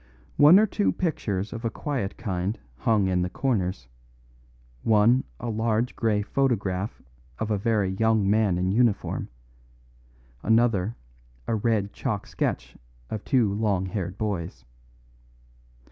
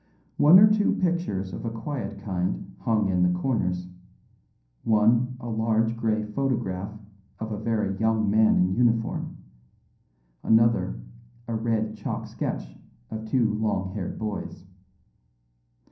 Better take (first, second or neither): first